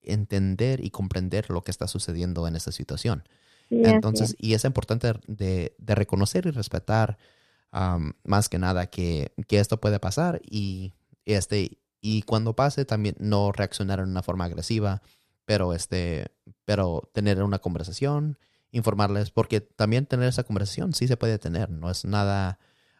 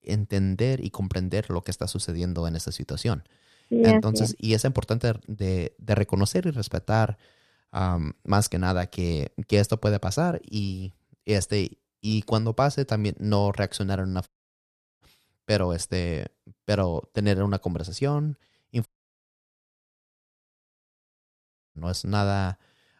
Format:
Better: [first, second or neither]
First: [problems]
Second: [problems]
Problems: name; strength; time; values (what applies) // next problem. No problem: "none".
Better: first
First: none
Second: audio cutting out; at 14 s for 0.5 s and at 19 s for 3 s